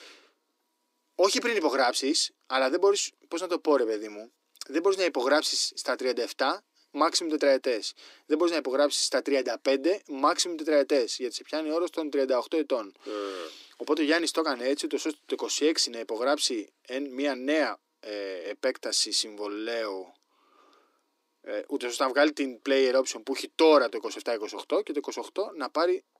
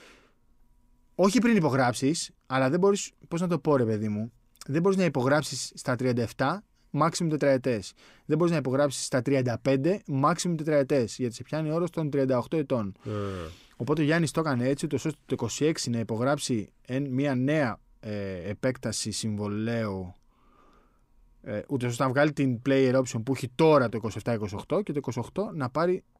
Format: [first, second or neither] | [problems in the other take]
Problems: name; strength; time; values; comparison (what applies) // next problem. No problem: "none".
second | thin; somewhat; fading below 300 Hz